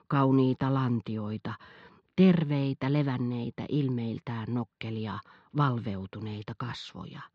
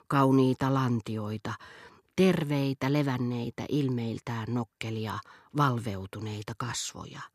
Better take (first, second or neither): second